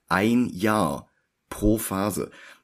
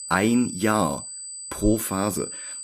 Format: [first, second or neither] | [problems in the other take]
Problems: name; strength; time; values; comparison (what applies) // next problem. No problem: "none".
first | high-pitched whine; loud; throughout; 8 kHz, 10 dB below the speech